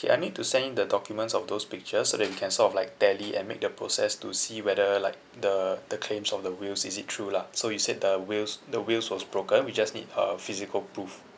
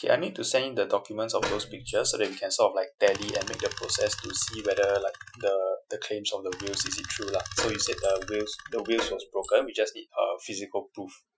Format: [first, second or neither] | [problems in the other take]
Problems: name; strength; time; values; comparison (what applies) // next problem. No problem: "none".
first | noise reduction (classical method Wiener filter)